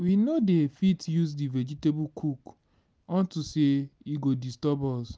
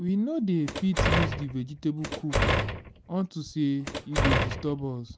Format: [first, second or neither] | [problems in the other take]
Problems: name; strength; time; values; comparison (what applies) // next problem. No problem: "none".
first | background sound (Door); 1 dB above the speech